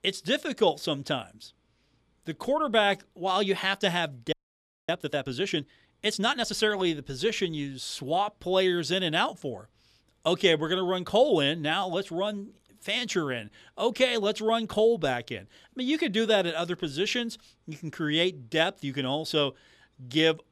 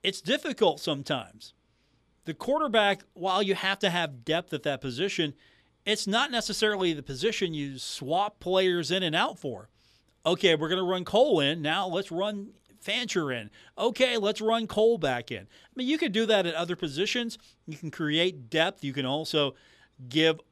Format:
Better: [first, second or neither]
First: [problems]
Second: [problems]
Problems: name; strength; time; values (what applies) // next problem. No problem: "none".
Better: second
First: audio freezing; at 4.5 s for 0.5 s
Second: none